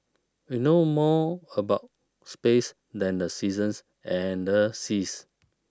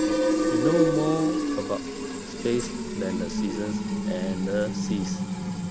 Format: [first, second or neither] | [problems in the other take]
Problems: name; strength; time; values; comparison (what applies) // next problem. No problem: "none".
first | background sound (Fill (with liquid)); 4 dB above the speech